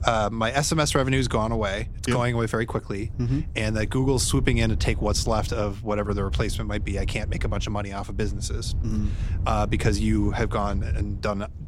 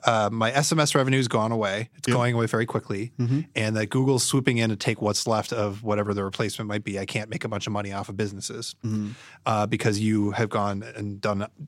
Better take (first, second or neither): second